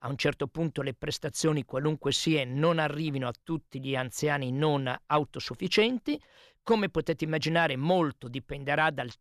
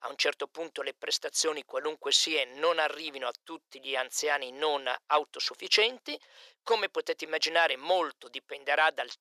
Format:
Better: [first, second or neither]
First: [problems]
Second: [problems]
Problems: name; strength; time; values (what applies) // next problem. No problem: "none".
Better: first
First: none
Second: thin; very; fading below 450 Hz